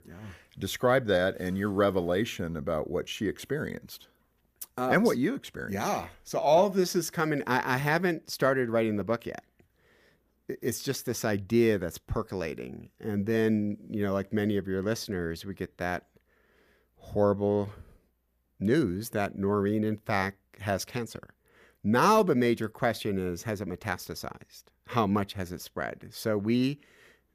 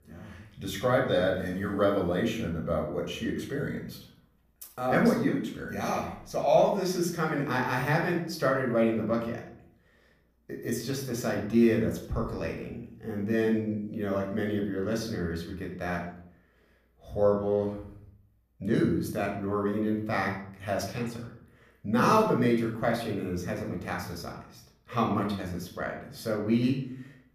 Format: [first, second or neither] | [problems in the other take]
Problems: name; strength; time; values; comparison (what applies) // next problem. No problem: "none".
first | room echo; slight; dies away in 0.6 s // off-mic speech; somewhat distant